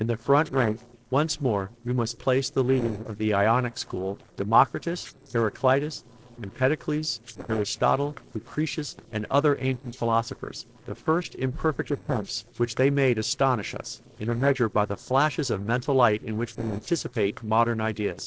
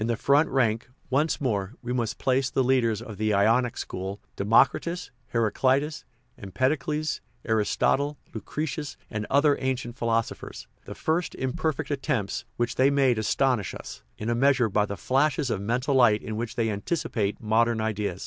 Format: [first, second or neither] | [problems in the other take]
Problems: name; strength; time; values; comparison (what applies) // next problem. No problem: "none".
second | noise reduction (neural separator model SepFormer DNS4)